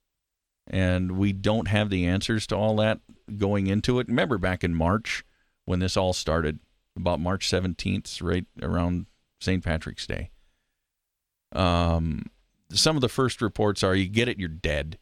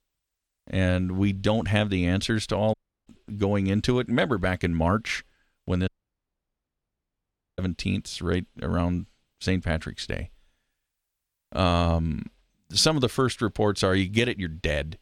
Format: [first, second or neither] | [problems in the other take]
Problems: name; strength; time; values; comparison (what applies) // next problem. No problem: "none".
first | audio cutting out; at 2.5 s and at 6 s for 1.5 s